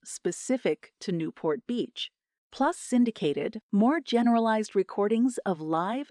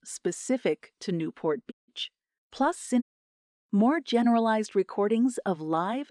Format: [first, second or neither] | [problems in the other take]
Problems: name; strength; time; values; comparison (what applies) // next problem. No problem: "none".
first | audio cutting out; at 1.5 s and at 3 s for 0.5 s